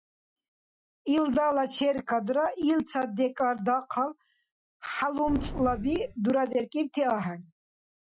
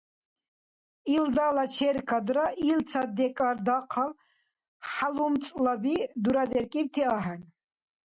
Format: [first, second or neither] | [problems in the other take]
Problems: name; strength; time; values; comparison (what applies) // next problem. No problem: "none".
second | noise reduction (classical method Wiener filter)